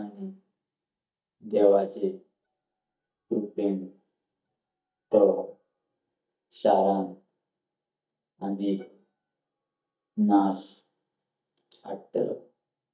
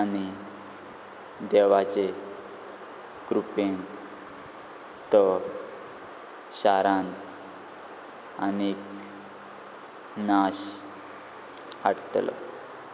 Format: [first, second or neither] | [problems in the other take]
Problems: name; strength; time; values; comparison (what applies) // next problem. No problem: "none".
second | noise reduction (neural mask model DeepFilterNet 3)